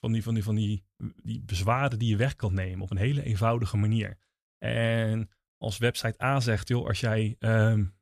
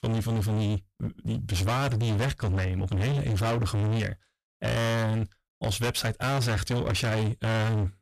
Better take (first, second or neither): first